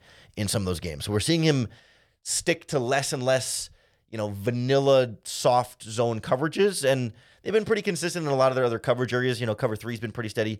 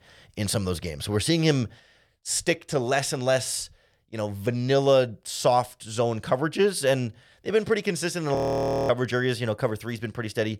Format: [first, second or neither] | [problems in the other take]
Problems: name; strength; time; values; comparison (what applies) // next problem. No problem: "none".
first | audio freezing; at 8.5 s for 0.5 s